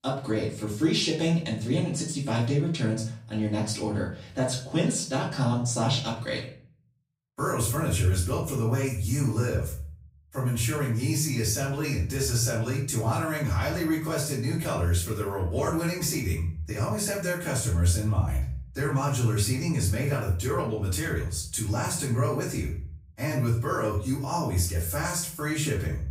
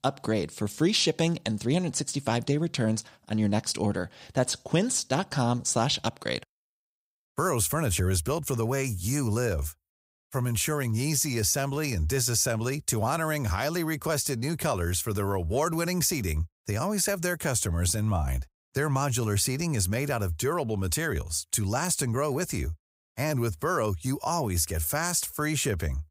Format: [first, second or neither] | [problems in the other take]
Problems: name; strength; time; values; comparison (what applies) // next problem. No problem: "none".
second | off-mic speech; far // room echo; slight; dies away in 0.4 s